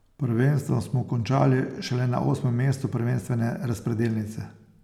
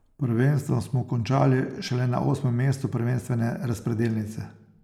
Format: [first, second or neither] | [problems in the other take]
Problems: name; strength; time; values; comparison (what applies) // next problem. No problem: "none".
first | noise reduction (neural mask model Resemble Enhance denoiser)